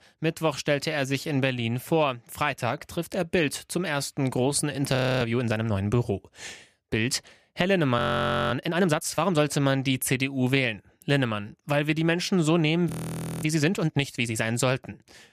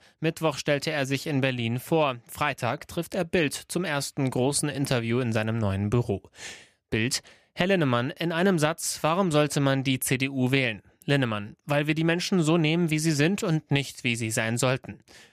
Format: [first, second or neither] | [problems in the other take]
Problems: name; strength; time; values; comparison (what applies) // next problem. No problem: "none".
second | audio freezing; at 5 s, at 8 s for 0.5 s and at 13 s for 0.5 s